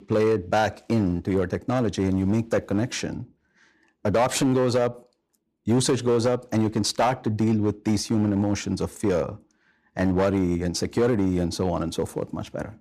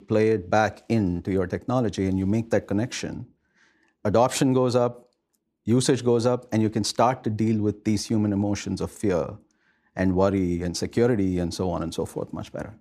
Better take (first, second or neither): second